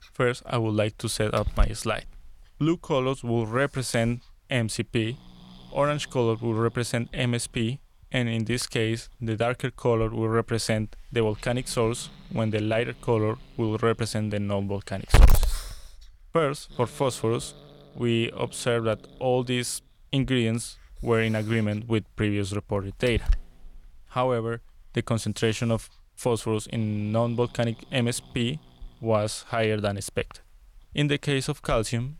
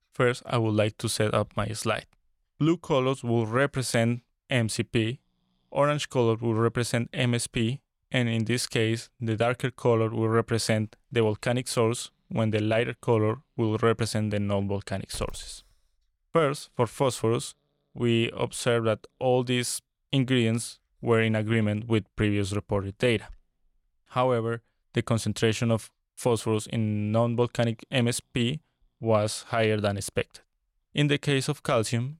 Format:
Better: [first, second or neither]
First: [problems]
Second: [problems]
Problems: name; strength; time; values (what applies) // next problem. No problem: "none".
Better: second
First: hiss; loud; throughout; 3 dB below the speech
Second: hiss; faint; throughout; 30 dB below the speech